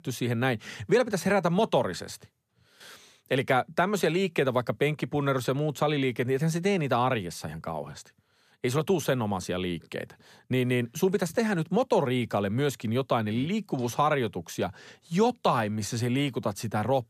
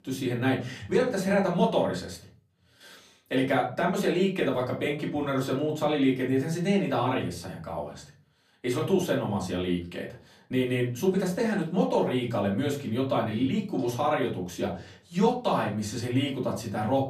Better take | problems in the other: first | off-mic speech; far // room echo; very slight; dies away in 0.4 s

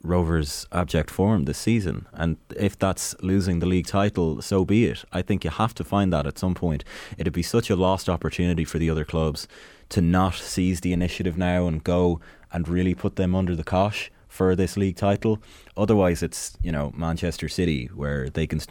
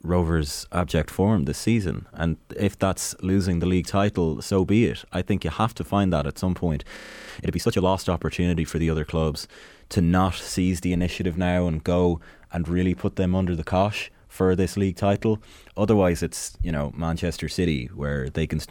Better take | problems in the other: first | audio freezing; at 7 s

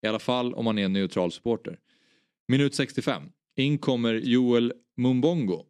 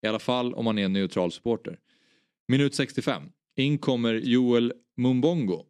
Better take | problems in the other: neither | none

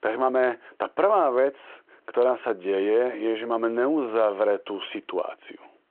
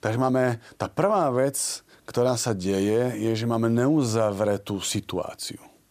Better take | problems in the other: second | phone-call audio

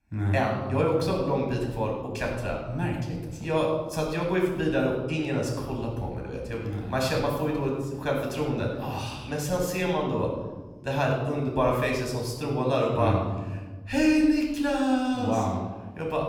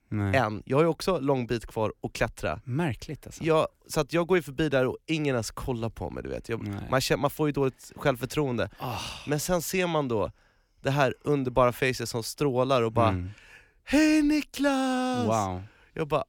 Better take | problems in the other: second | off-mic speech; somewhat distant // room echo; noticeable; dies away in 1.3 s

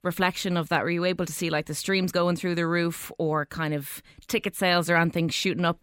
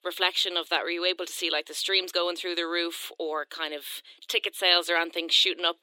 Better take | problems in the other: first | thin; very; fading below 350 Hz

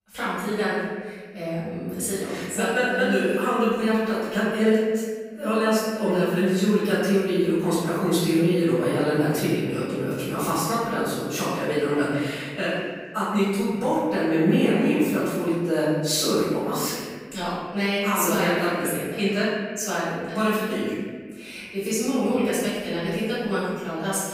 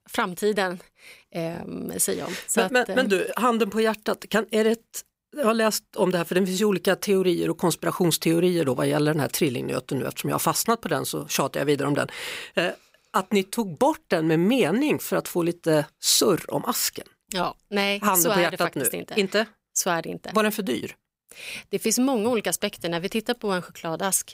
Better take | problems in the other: second | off-mic speech; far // room echo; strong; dies away in 1.6 s

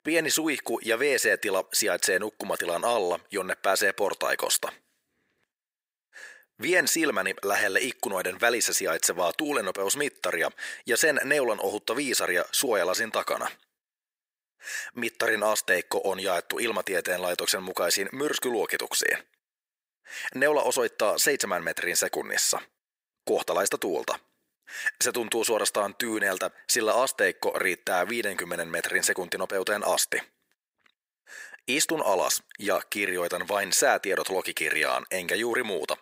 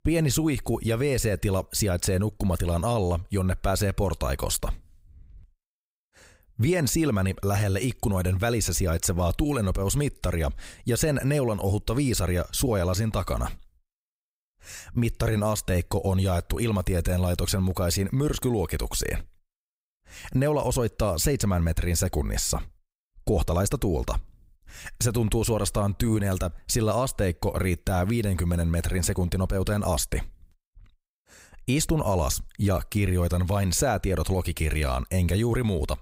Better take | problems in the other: second | thin; very; fading below 350 Hz

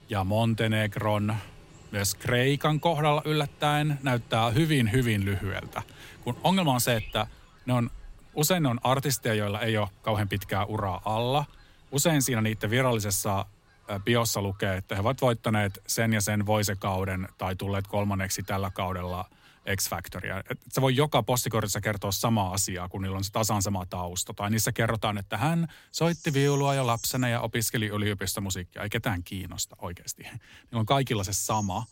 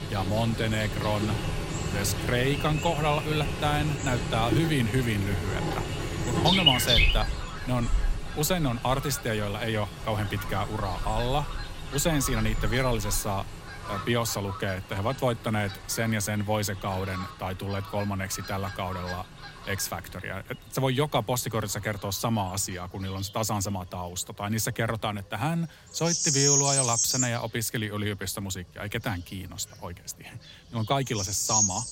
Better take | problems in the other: first | animal sounds; loud; throughout; as loud as the speech; faint in the first

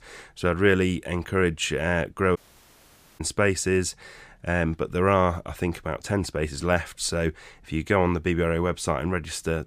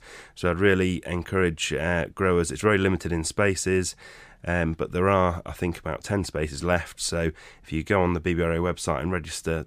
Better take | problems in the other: second | audio cutting out; at 2.5 s for 1 s

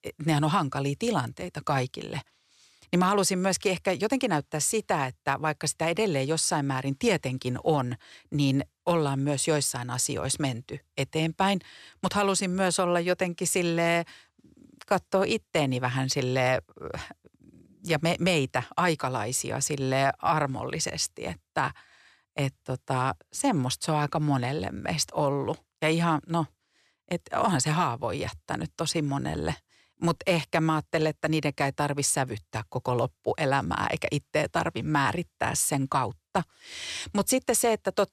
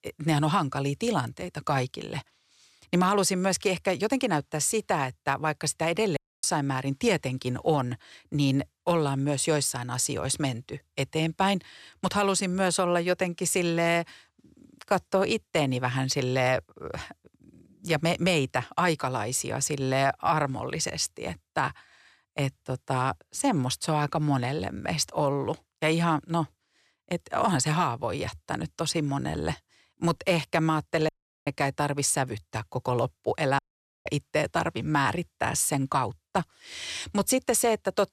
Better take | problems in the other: first | audio cutting out; at 6 s, at 31 s and at 34 s

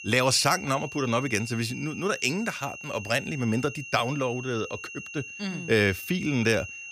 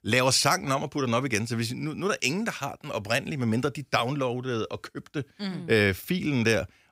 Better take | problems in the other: second | high-pitched whine; noticeable; throughout; 3 kHz, 10 dB below the speech

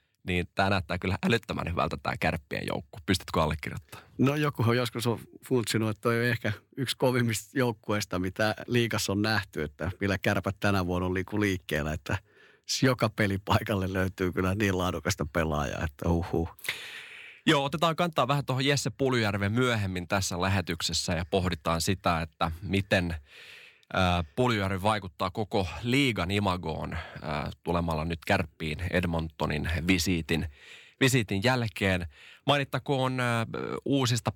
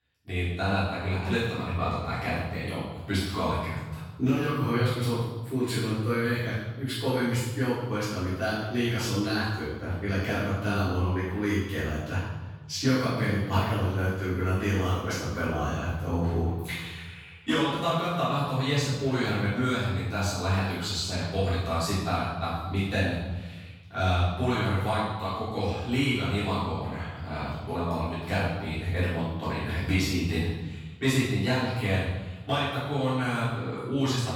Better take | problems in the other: first | room echo; strong; dies away in 1.2 s // off-mic speech; far

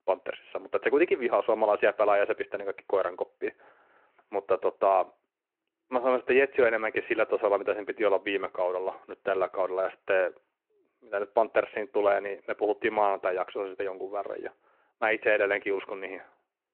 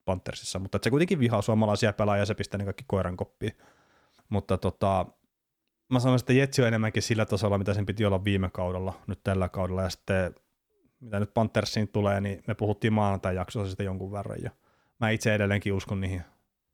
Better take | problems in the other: second | phone-call audio

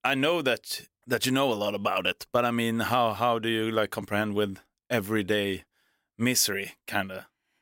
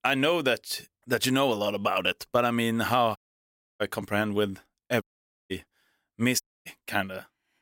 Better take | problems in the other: first | audio cutting out; at 3 s for 0.5 s, at 5 s and at 6.5 s

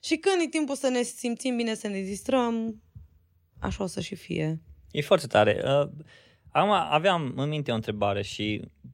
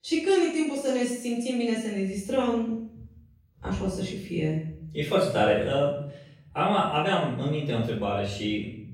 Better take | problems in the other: first | off-mic speech; far // room echo; noticeable; dies away in 0.6 s

